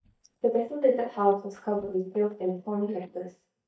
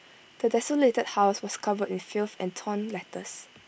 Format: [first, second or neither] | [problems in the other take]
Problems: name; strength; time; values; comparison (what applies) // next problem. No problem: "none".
second | noise reduction (neural mask model DeepFilterNet 3)